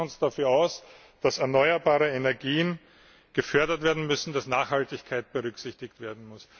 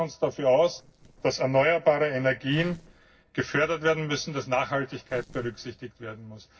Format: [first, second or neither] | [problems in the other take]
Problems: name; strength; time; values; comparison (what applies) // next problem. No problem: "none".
first | noise reduction (neural separator model SepFormer DNS4)